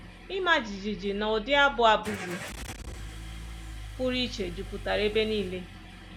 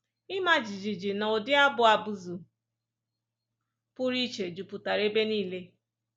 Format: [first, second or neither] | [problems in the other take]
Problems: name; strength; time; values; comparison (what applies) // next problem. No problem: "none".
second | background sound (Engine starting / Car); 11 dB below the speech